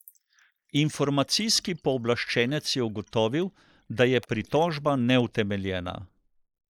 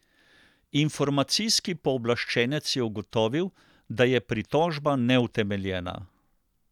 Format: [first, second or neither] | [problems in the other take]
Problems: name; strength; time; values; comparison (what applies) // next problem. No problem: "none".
second | noise reduction (neural mask model Resemble Enhance denoiser)